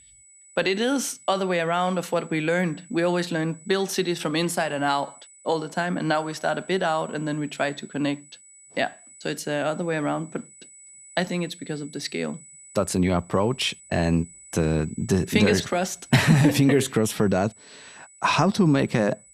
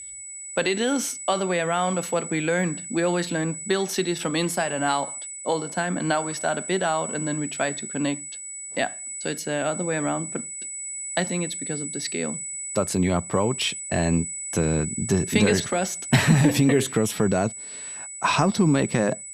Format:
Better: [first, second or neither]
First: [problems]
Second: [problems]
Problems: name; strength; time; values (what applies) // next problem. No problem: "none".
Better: first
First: high-pitched whine; faint; throughout; 8 kHz, 20 dB below the speech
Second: high-pitched whine; loud; throughout; 8 kHz, 7 dB below the speech